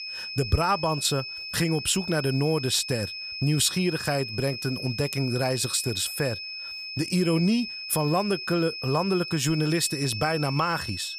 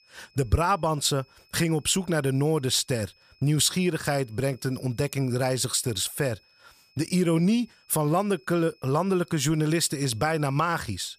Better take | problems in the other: second | high-pitched whine; loud; throughout; 5 kHz, 7 dB below the speech; faint in the second

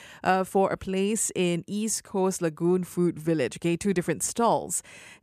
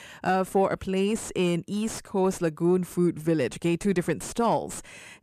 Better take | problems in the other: first | distortion; slight; 10 dB below the speech

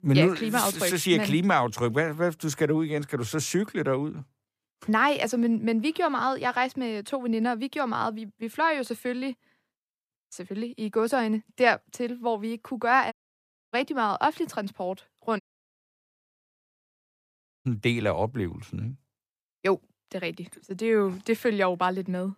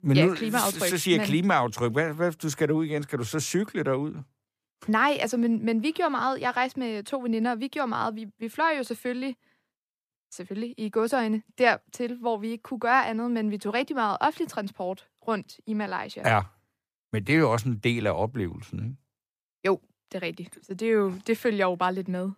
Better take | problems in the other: second | audio cutting out; at 13 s for 0.5 s and at 15 s for 2 s

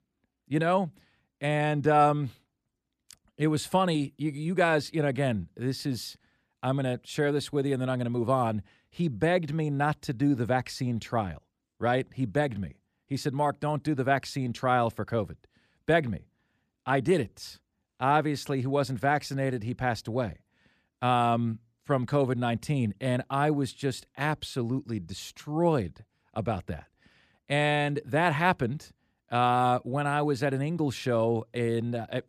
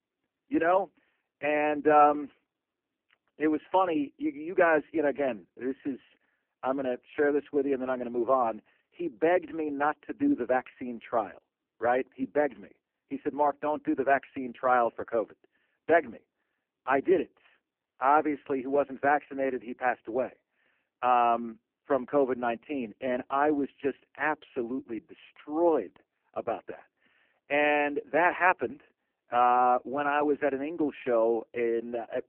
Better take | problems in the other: first | phone-call audio; poor line

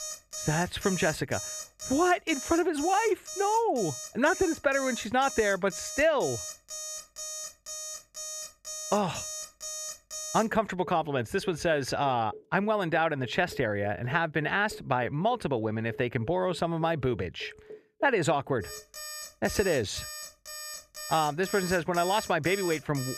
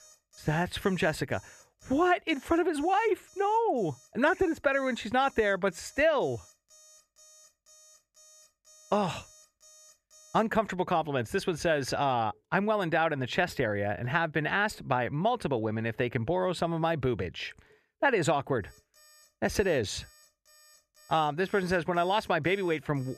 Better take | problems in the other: second | alarms or sirens; loud; throughout; 10 dB below the speech; faint in the second

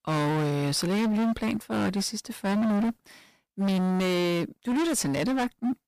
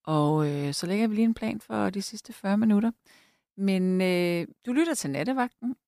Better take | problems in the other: second | distortion; heavy; 31% of the sound clipped

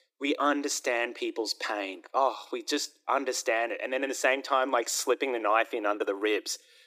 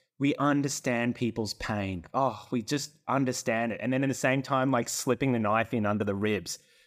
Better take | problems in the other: second | thin; somewhat; fading below 300 Hz

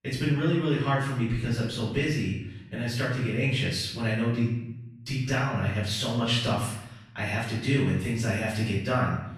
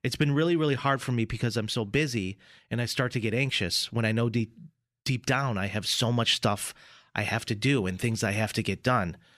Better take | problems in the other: second | off-mic speech; far // room echo; noticeable; dies away in 0.8 s

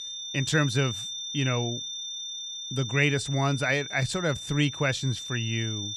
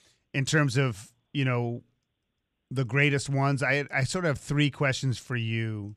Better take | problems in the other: second | high-pitched whine; loud; throughout; 3.5 kHz, 6 dB below the speech

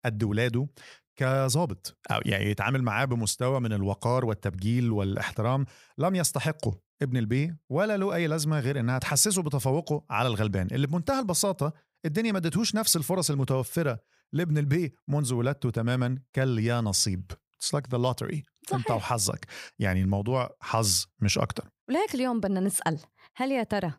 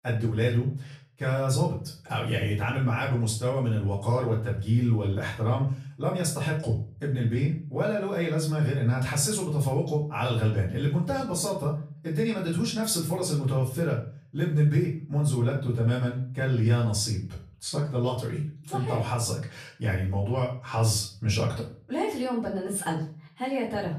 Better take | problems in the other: first | off-mic speech; far // room echo; slight; dies away in 0.4 s

